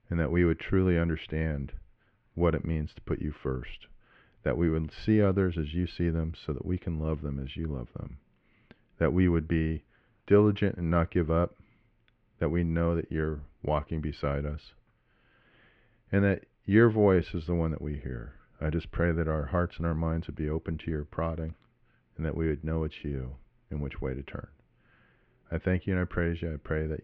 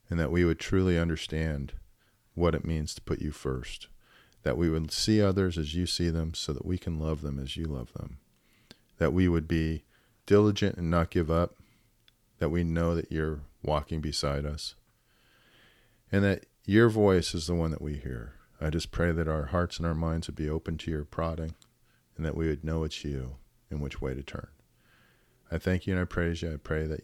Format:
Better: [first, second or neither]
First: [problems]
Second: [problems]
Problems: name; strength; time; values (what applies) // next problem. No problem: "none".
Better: second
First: muffled; very; fading above 2.5 kHz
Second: none